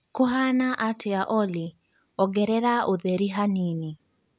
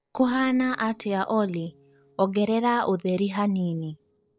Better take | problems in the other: first | noise reduction (neural separator model SepFormer DNS4)

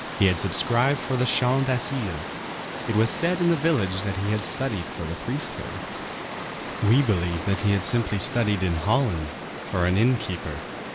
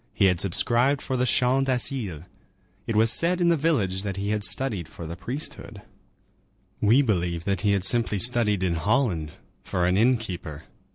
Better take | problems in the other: second | background sound (Water); 8 dB below the speech

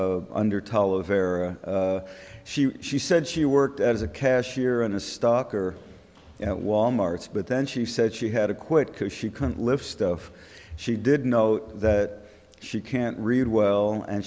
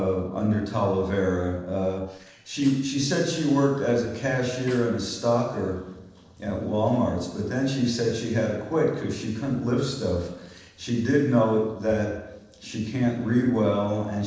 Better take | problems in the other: first | noise reduction (neural separator model SepFormer DNS4)

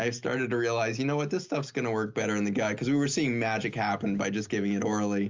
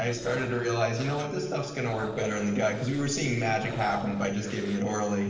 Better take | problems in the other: first | noise reduction (neural separator model SepFormer DNS4)

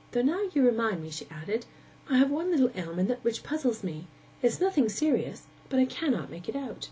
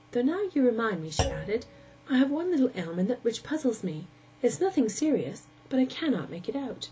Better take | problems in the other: first | background sound (Thump, thud); 9 dB below the speech

